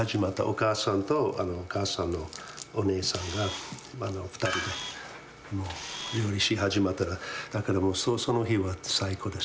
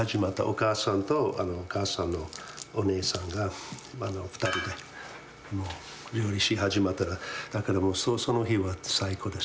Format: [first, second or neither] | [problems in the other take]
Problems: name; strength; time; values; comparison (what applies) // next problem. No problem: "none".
second | background sound (Camera); 10 dB below the speech